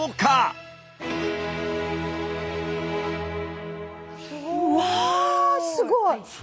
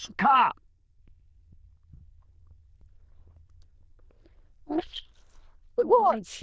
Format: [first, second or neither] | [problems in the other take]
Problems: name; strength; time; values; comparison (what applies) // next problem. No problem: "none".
first | noise reduction (neural diffusion model UNIVERSE++)